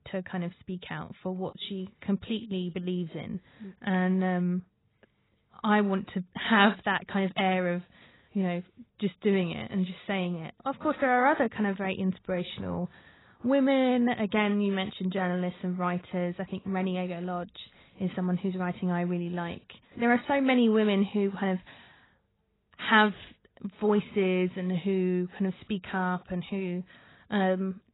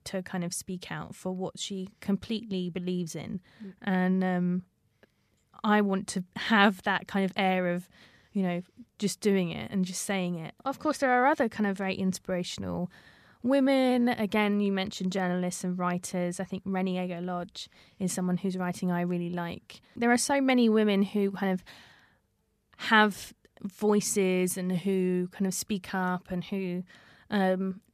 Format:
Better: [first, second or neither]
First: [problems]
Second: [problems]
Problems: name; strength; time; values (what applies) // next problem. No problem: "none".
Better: second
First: garbled, watery; badly; nothing above 4 kHz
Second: none